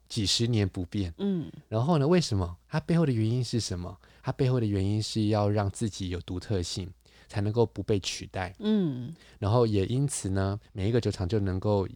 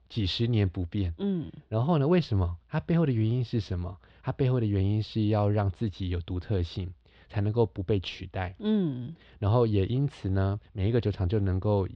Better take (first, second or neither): first